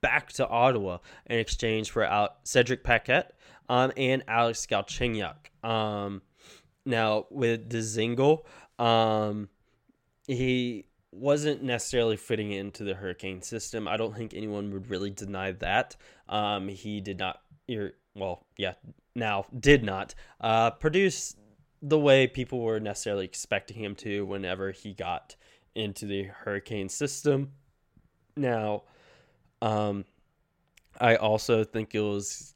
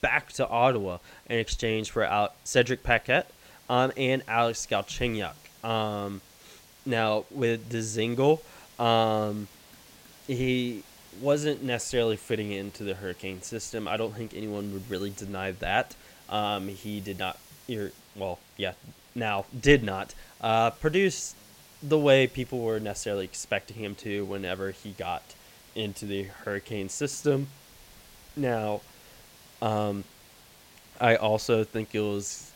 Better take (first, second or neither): first